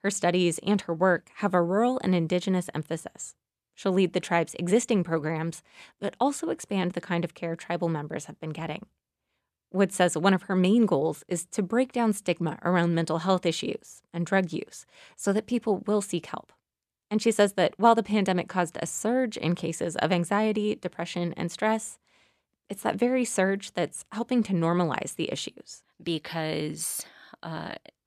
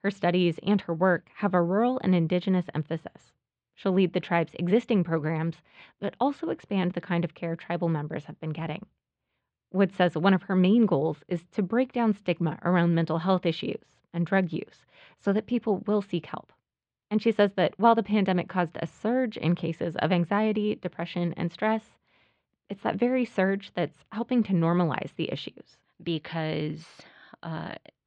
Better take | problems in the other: first | muffled; slightly; fading above 4 kHz

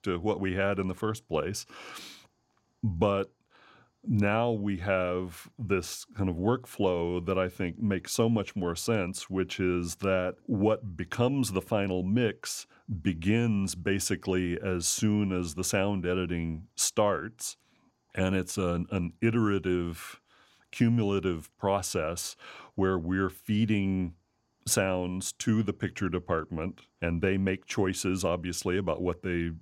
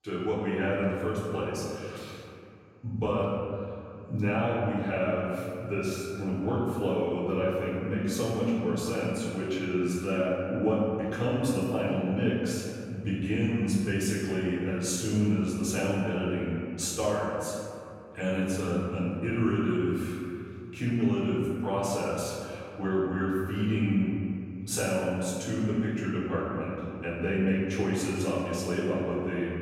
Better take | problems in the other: first | off-mic speech; far // room echo; strong; dies away in 2.2 s

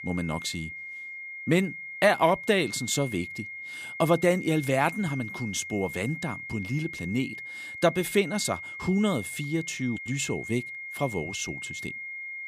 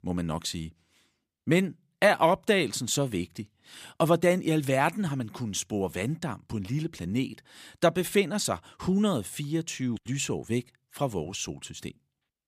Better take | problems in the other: second | high-pitched whine; loud; throughout; 2 kHz, 9 dB below the speech

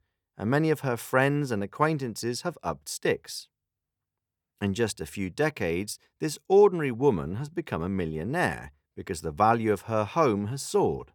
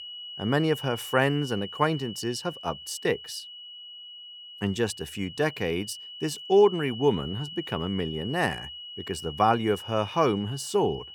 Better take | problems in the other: first | high-pitched whine; noticeable; throughout; 3 kHz, 10 dB below the speech

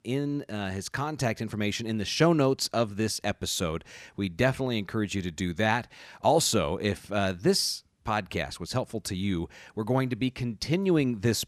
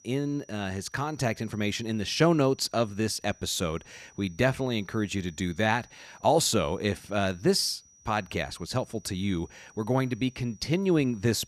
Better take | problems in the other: first | high-pitched whine; faint; throughout; 6 kHz, 25 dB below the speech

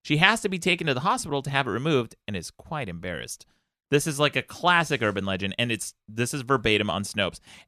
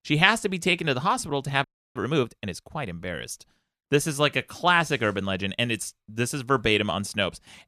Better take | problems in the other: first | audio freezing; at 1.5 s

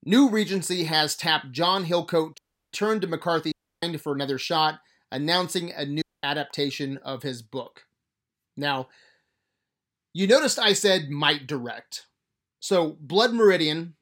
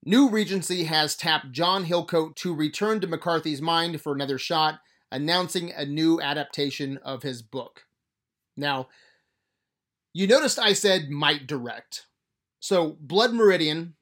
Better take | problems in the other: second | audio cutting out; at 2.5 s, at 3.5 s and at 6 s

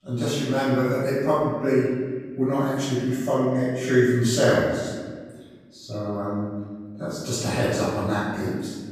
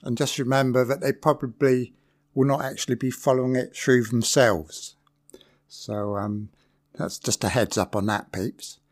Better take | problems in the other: second | room echo; strong; dies away in 1.6 s // off-mic speech; far

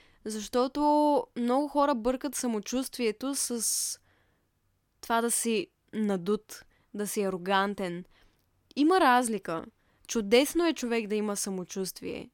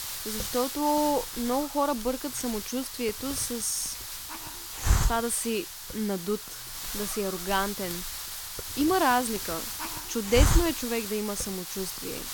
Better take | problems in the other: first | hiss; loud; throughout; 3 dB below the speech

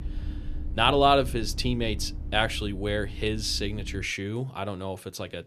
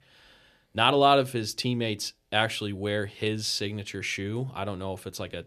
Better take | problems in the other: second | low rumble; faint; until 4 s; 25 dB below the speech

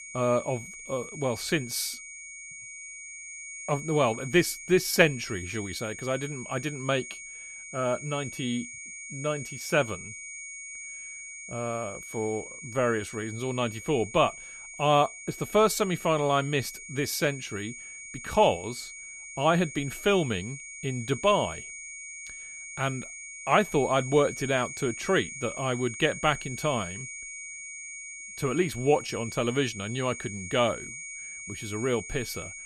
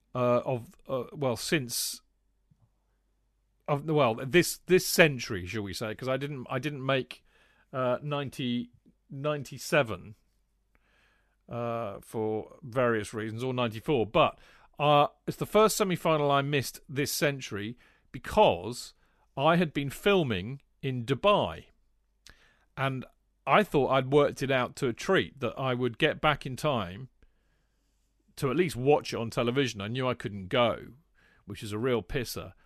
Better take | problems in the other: second | high-pitched whine; noticeable; throughout; 2.5 kHz, 10 dB below the speech

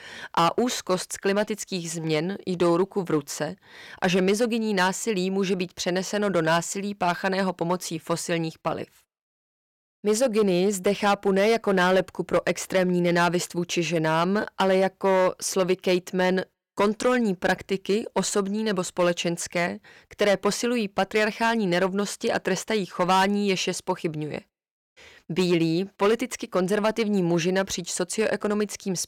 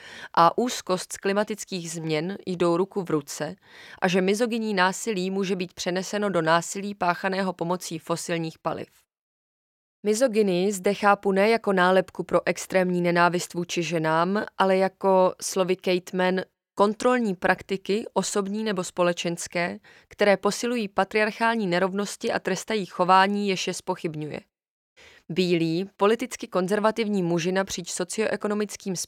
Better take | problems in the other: second | distortion; slight; 4% of the sound clipped

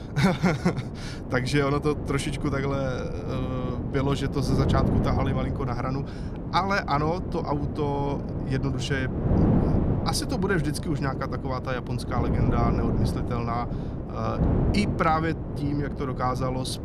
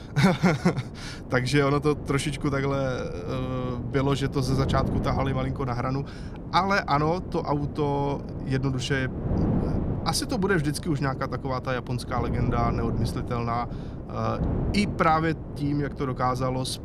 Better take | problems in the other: second | wind noise on the microphone; heavy; 6 dB below the speech; occasional gusts in the second

